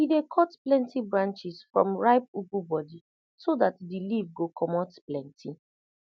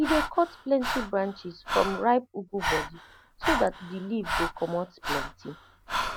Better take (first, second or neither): first